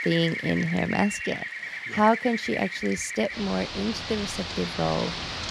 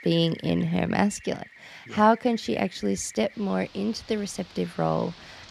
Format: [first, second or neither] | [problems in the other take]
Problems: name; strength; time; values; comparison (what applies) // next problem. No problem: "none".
second | rain or running water; loud; throughout; 5 dB below the speech; faint in the second